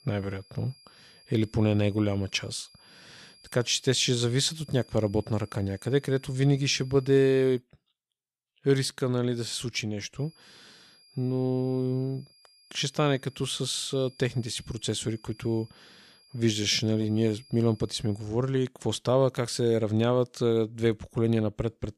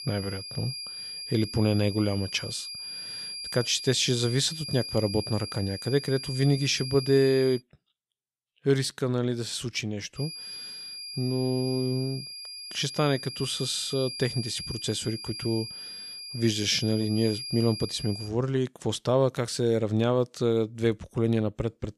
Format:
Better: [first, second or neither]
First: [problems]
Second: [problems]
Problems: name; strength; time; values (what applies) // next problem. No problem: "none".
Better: first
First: high-pitched whine; faint; until 7.5 s and from 10 to 18 s; 5 kHz, 30 dB below the speech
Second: high-pitched whine; loud; until 7.5 s and from 10 to 18 s; 5 kHz, 8 dB below the speech